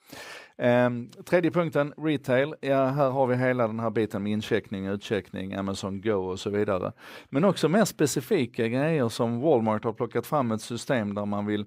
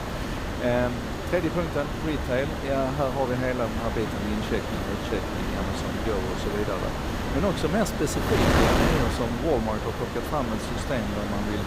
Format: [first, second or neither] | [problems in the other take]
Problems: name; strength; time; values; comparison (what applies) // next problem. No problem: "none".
first | wind noise on the microphone; heavy; as loud as the speech